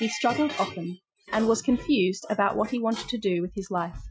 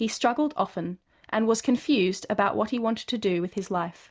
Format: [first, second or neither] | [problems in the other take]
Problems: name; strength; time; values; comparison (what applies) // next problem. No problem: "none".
second | noise reduction (classical method Wiener filter)